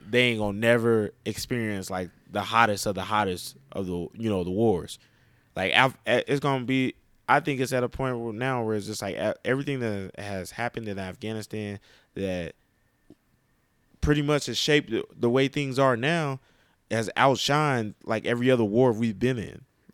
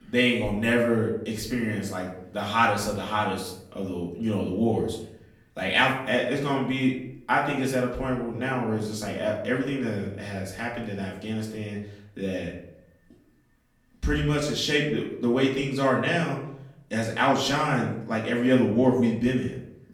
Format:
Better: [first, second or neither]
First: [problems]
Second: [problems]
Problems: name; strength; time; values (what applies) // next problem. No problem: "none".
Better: first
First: none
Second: off-mic speech; far // room echo; slight; dies away in 0.6 s